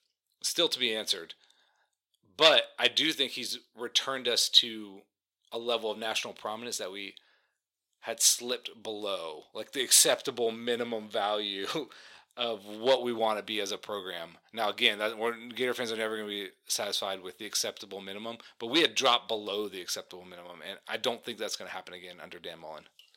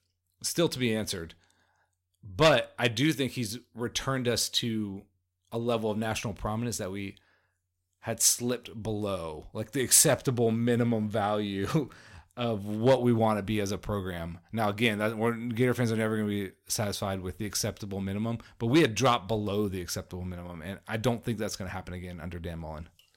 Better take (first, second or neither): second